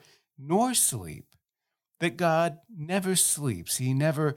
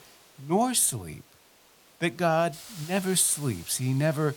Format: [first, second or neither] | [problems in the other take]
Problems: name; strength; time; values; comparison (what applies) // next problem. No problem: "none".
first | hiss; faint; throughout; 20 dB below the speech